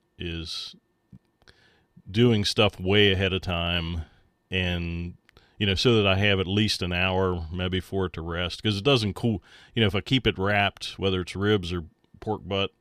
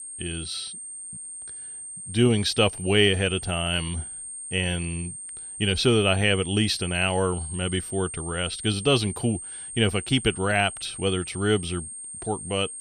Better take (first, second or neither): first